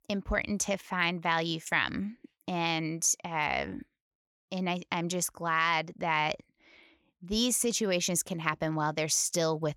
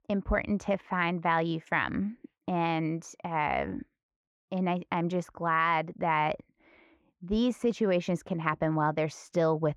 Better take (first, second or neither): first